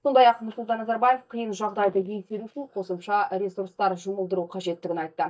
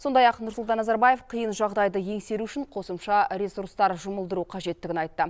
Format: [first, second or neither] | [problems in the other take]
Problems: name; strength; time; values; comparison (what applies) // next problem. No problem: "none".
second | noise reduction (neural mask model DeepFilterNet 3)